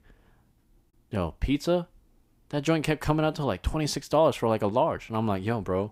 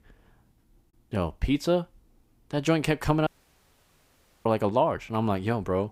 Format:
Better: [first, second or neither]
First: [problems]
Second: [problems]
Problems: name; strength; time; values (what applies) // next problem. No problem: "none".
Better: first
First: none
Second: audio cutting out; at 3.5 s for 1 s